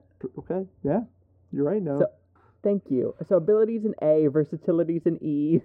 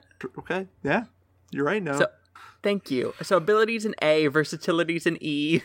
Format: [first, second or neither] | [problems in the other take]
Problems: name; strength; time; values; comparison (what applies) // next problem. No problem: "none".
second | muffled; very; fading above 1 kHz